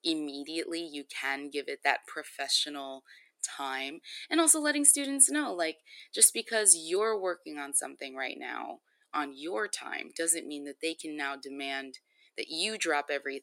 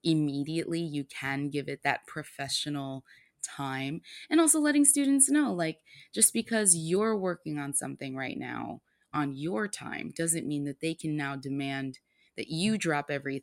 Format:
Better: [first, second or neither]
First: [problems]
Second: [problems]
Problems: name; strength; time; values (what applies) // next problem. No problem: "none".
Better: second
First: thin; somewhat; fading below 350 Hz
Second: none